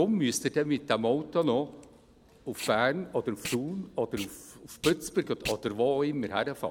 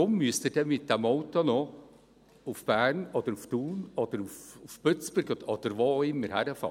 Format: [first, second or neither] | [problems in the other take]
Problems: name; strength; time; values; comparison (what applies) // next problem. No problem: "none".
second | background sound (Packing tape, duct tape); 16 dB below the speech